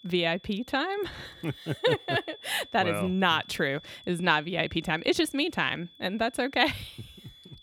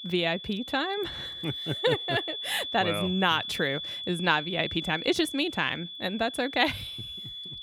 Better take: first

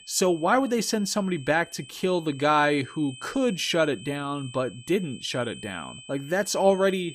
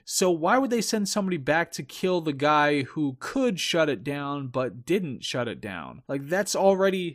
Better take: second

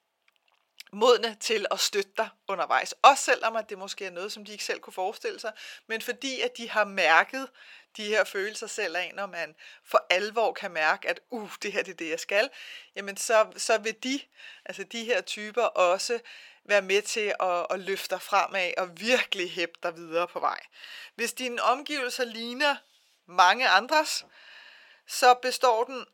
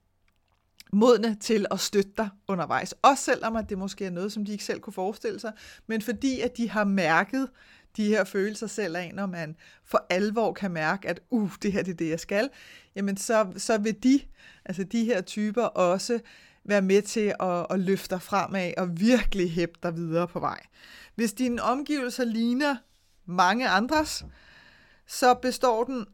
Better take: second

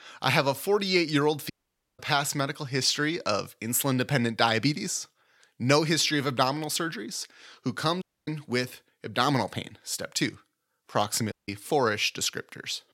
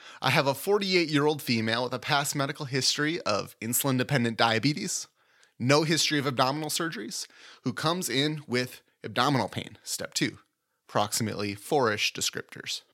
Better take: second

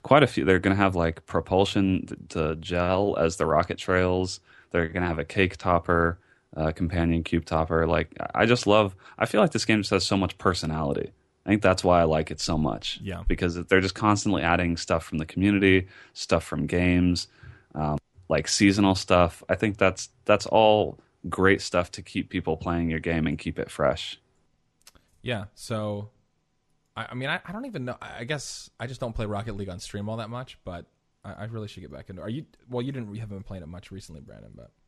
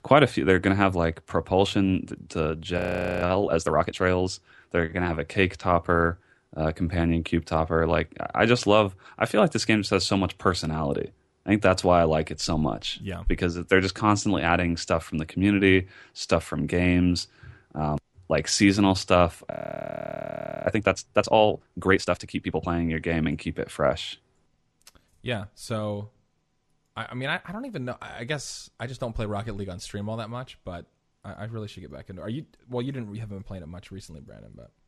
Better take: first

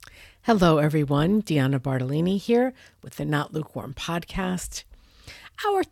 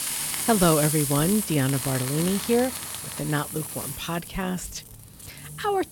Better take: first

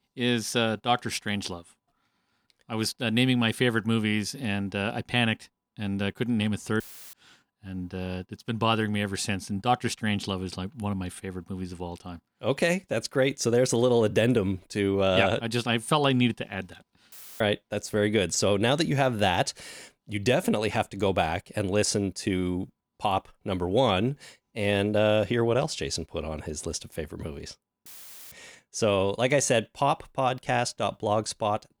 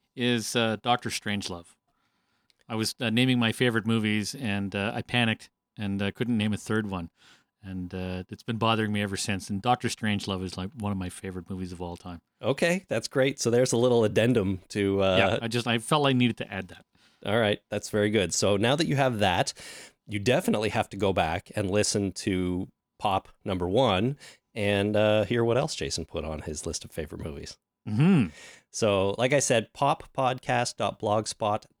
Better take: second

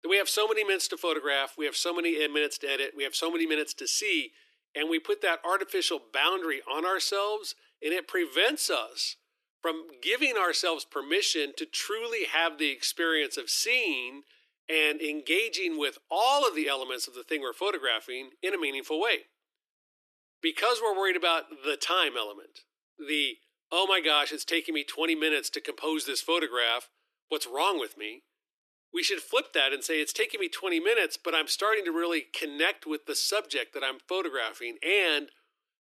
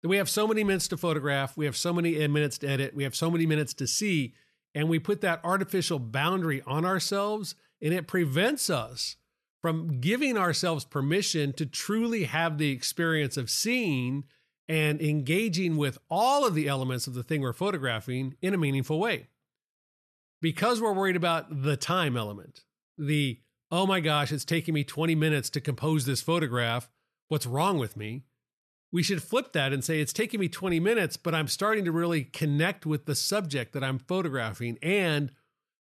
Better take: second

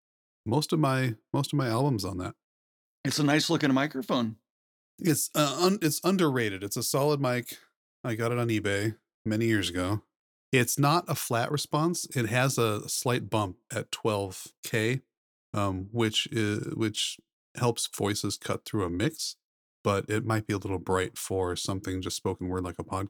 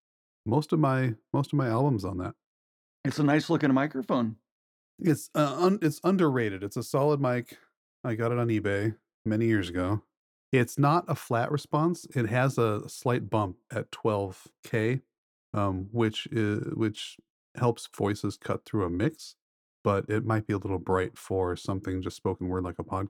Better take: first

